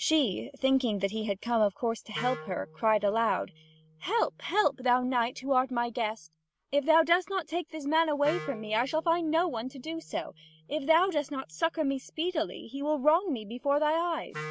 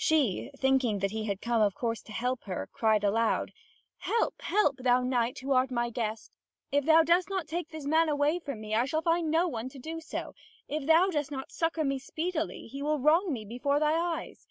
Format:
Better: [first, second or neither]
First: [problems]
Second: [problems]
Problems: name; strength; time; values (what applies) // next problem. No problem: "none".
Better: second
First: background sound (Wind instrument, woodwind instrument); 20 dB below the speech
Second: none